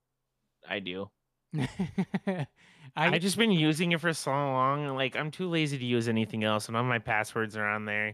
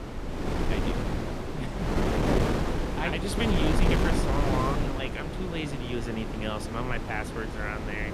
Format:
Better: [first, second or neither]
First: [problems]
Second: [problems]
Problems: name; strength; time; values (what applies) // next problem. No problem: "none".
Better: first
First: none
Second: wind noise on the microphone; heavy; 1 dB above the speech